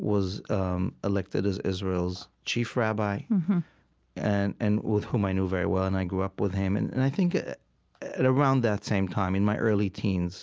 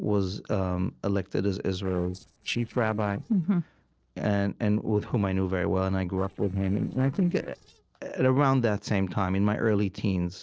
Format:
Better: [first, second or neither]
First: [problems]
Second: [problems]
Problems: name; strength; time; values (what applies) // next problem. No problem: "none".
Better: first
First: none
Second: noise reduction (neural separator model SepFormer DNS4)